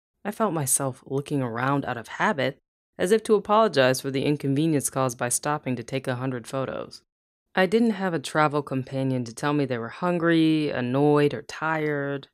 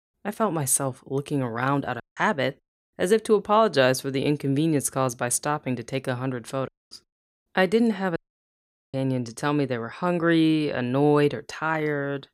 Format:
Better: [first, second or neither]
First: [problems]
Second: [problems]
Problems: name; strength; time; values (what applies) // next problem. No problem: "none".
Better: first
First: none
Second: audio cutting out; at 2 s, at 6.5 s and at 8 s for 1 s